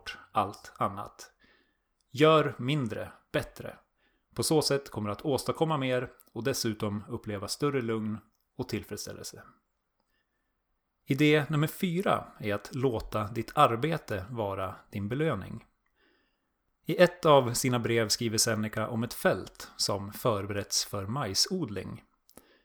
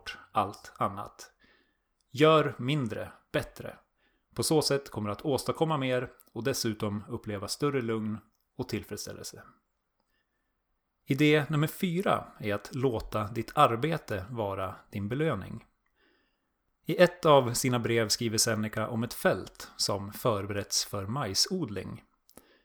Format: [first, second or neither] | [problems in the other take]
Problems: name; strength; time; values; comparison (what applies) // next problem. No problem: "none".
neither | none